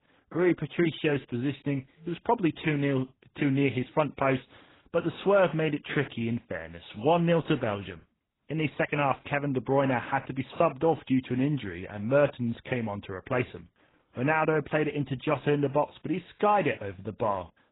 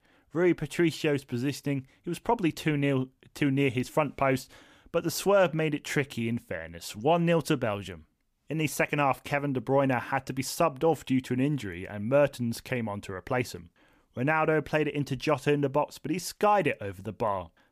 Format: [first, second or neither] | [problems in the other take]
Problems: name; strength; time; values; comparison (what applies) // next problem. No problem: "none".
second | garbled, watery; badly; nothing above 4 kHz